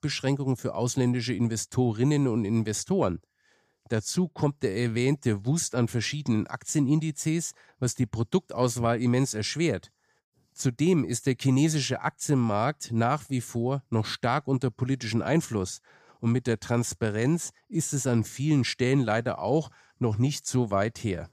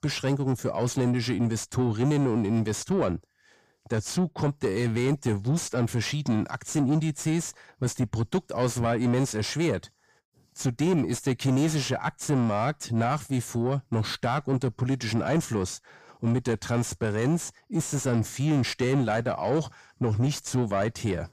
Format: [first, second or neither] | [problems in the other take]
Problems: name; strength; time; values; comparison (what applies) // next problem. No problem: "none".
first | distortion; slight; 10 dB below the speech